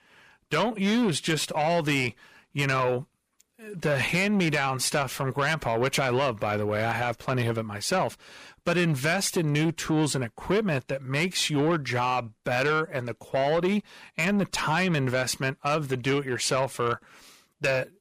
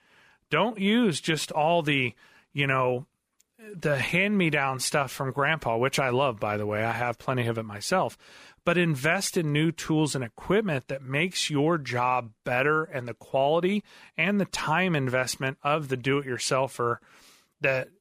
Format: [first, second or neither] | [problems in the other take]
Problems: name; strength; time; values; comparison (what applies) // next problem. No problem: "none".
second | distortion; slight; 10 dB below the speech